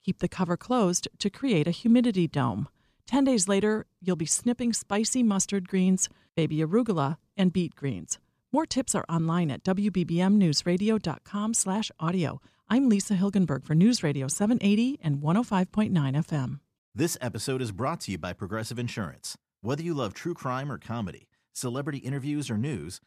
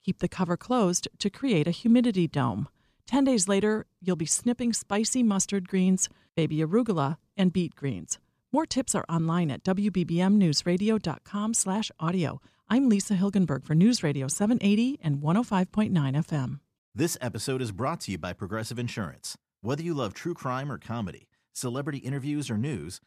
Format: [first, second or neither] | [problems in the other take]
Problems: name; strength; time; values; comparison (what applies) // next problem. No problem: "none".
neither | none